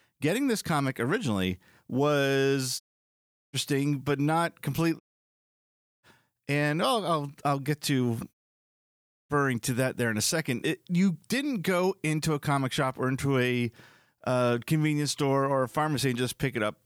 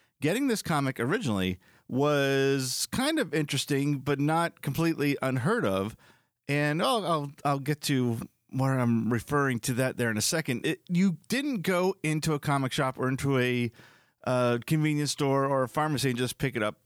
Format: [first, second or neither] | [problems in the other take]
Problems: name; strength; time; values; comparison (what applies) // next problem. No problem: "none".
second | audio cutting out; at 3 s for 0.5 s, at 5 s for 1 s and at 8.5 s for 1 s